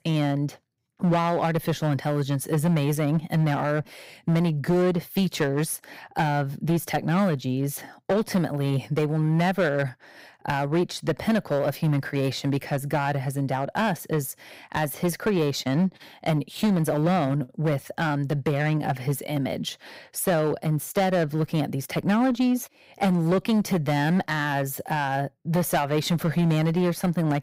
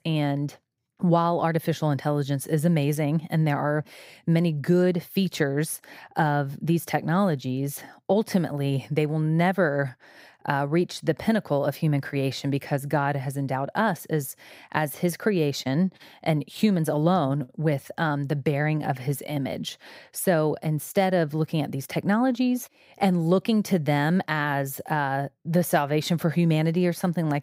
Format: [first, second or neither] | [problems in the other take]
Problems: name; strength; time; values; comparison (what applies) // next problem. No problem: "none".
second | distortion; slight; 8% of the sound clipped